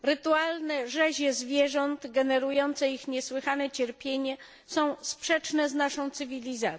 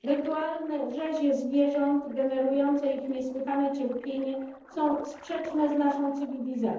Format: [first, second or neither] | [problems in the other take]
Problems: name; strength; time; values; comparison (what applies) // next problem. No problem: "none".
first | noise reduction (neural separator model SepFormer DNS4)